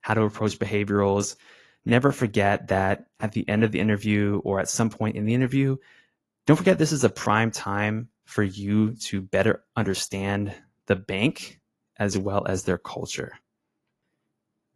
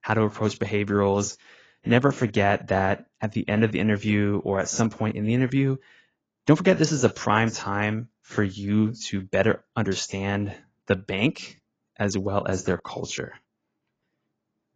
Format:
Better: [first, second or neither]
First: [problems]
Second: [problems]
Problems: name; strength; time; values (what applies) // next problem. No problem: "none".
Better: first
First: garbled, watery; slightly; nothing above 11.5 kHz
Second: garbled, watery; badly; nothing above 7.5 kHz